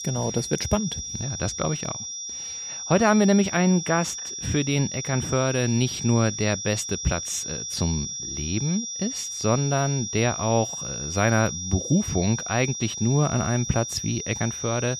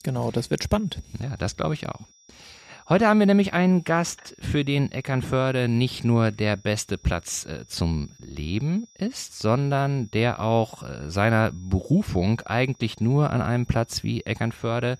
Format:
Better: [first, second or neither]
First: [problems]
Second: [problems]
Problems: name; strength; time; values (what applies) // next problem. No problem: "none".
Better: second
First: high-pitched whine; loud; throughout; 5.5 kHz, 6 dB below the speech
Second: high-pitched whine; faint; throughout; 5.5 kHz, 30 dB below the speech